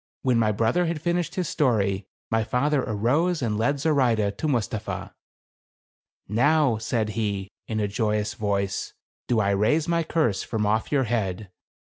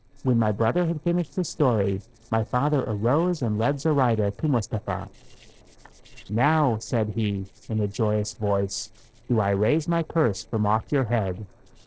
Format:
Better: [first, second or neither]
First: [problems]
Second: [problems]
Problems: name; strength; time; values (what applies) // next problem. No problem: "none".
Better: first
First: none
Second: noise reduction (neural separator model SepFormer DNS4)